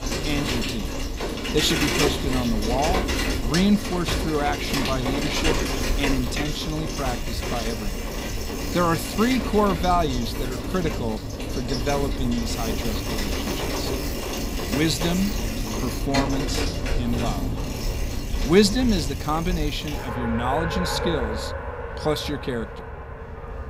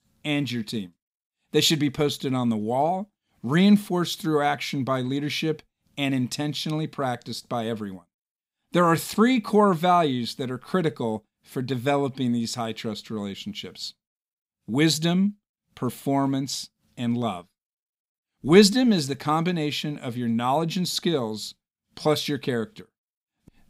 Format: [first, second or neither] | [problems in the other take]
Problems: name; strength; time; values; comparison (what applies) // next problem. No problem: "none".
second | traffic noise; loud; throughout; 2 dB below the speech